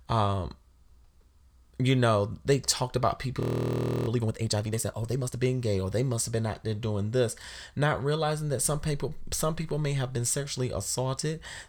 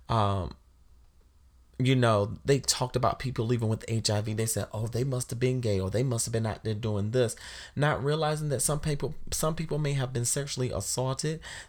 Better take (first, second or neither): second